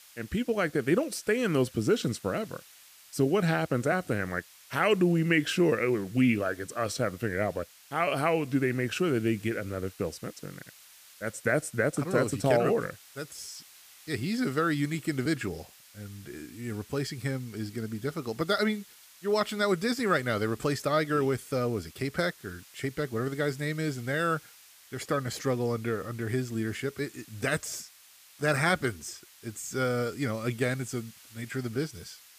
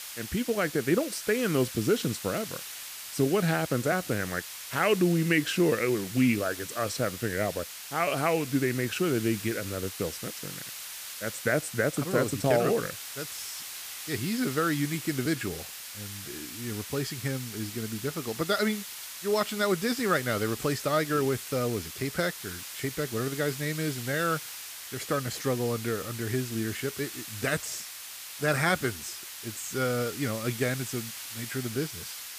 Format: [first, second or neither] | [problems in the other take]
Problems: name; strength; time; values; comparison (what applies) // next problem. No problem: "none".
first | hiss; loud; throughout; 9 dB below the speech; faint in the first